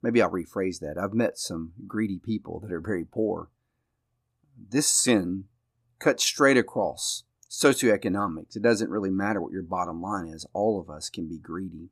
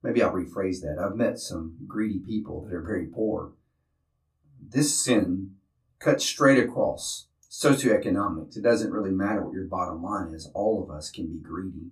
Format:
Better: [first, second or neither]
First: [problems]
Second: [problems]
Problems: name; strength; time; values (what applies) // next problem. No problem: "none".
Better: first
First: none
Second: off-mic speech; far // room echo; very slight; dies away in 0.2 s